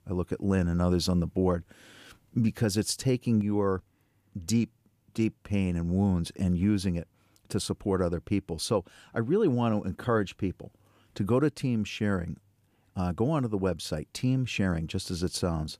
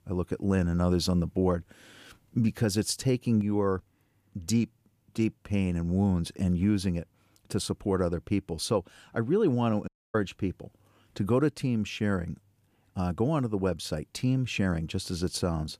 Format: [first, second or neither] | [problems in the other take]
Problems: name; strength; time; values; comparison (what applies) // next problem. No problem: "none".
first | audio cutting out; at 10 s